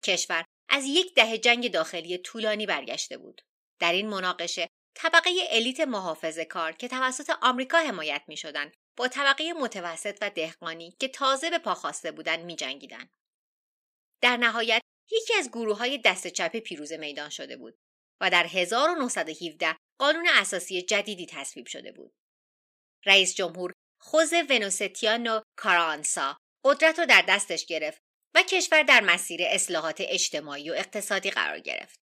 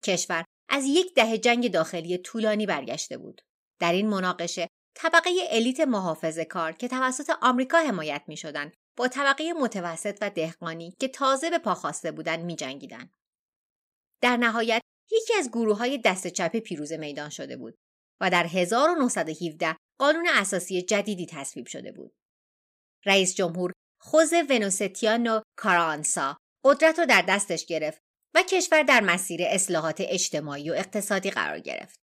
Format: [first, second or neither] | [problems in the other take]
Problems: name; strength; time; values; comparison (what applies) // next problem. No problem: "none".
second | thin; very slightly; fading below 300 Hz